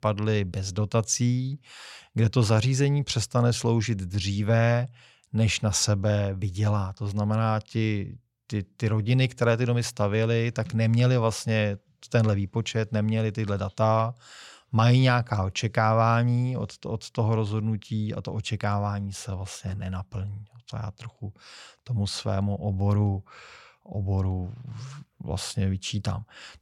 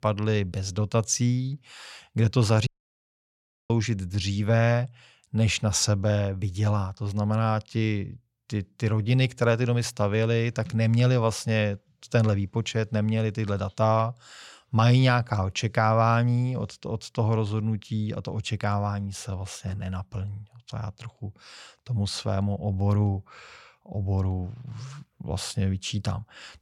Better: first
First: none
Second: audio cutting out; at 2.5 s for 1 s

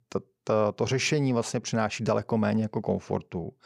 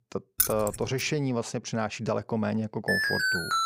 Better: first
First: none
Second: jangling keys; loud; at 0.5 s; peak 4 dB above the speech // alarm; loud; at 3 s; peak 5 dB above the speech

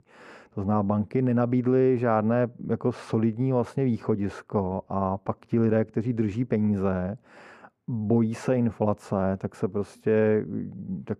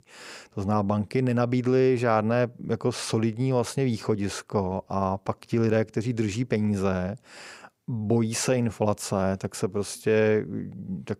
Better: second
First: muffled; very; fading above 2.5 kHz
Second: none

